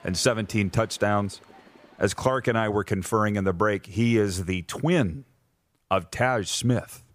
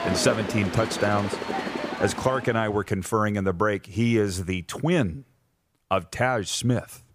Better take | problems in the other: first | train or aircraft noise; loud; until 2.5 s; 5 dB below the speech; faint in the first

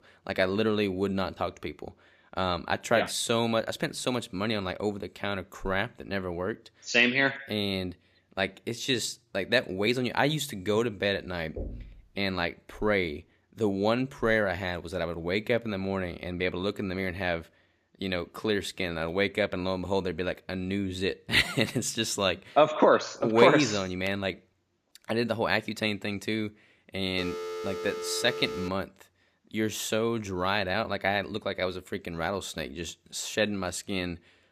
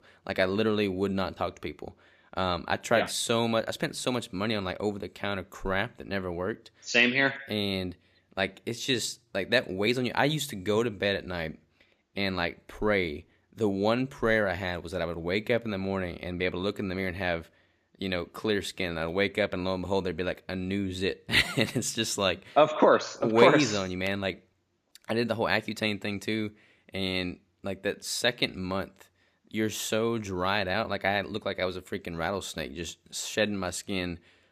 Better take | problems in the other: second | door banging; faint; at 12 s; peak 10 dB below the speech // phone ringing; noticeable; from 27 to 29 s; peak 7 dB below the speech

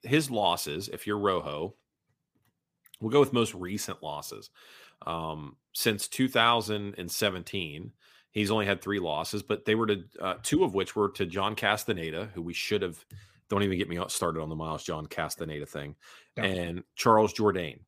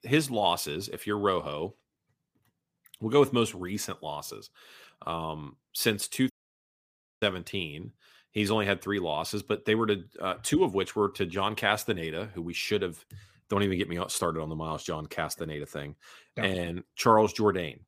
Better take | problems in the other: first | audio cutting out; at 6.5 s for 1 s

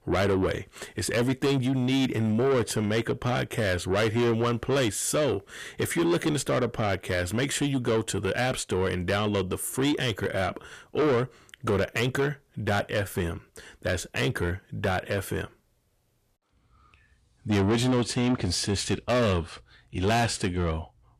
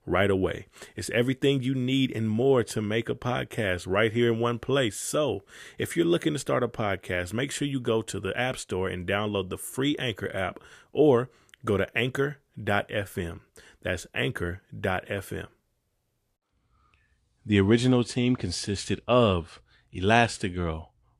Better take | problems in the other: second | distortion; heavy; 7 dB below the speech

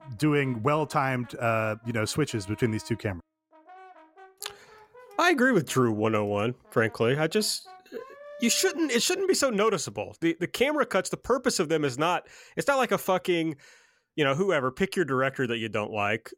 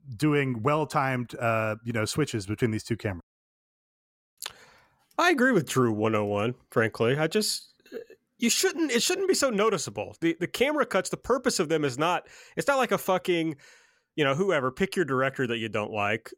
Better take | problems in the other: second | background music; faint; throughout; 25 dB below the speech

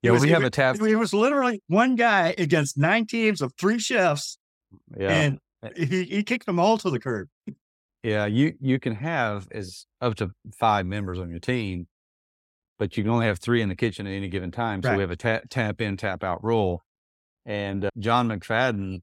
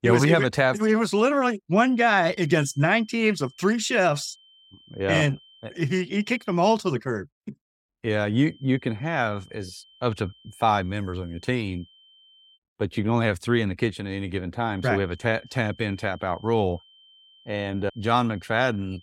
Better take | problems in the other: first | high-pitched whine; faint; from 2 to 6.5 s, from 8.5 to 13 s and from 15 s on; 3 kHz, 30 dB below the speech

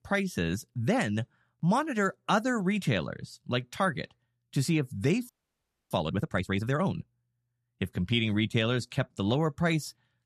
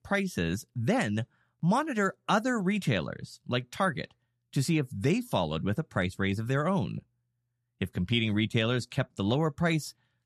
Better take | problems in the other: second | audio freezing; at 5.5 s for 0.5 s

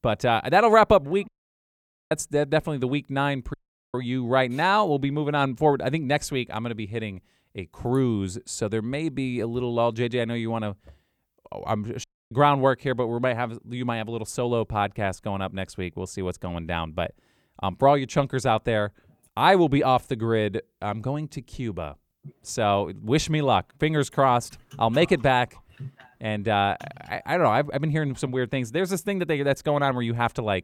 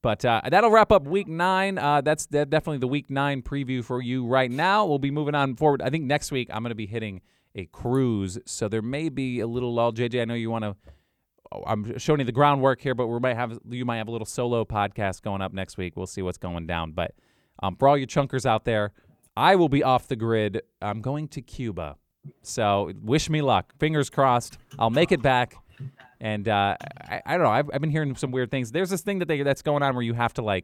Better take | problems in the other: second | audio cutting out; at 1.5 s for 1 s, at 3.5 s and at 12 s

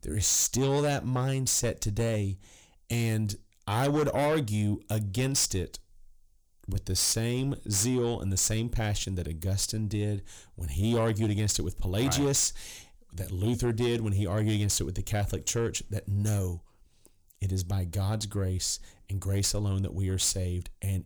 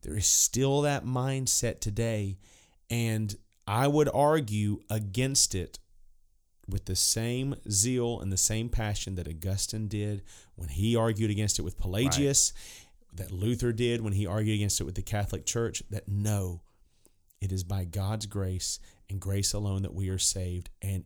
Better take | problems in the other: second | distortion; slight; 10 dB below the speech

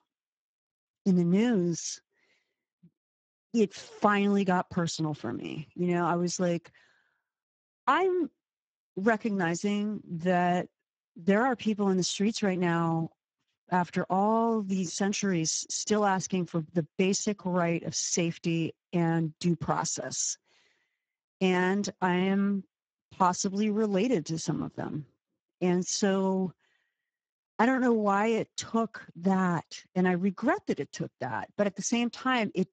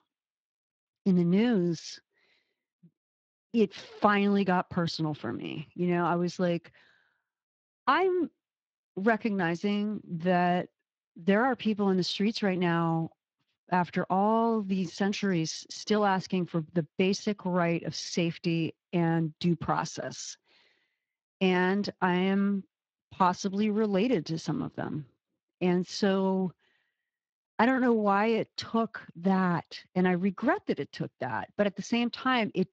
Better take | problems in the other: second | garbled, watery; badly; nothing above 7.5 kHz; slightly in the second

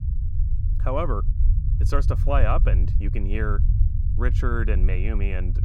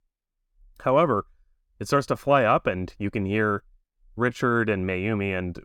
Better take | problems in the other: second | low rumble; noticeable; throughout; 10 dB below the speech

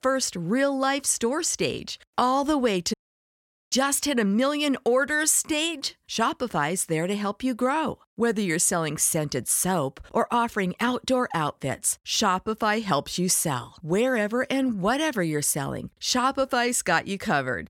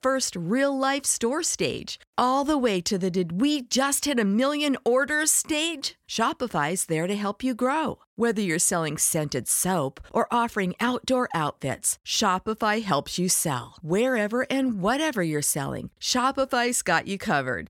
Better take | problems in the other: second | audio cutting out; at 3 s for 1 s

